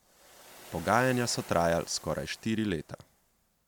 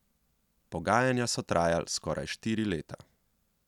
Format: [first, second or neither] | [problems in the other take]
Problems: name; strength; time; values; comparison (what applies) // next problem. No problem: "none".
second | background sound (Waves, surf); 19 dB below the speech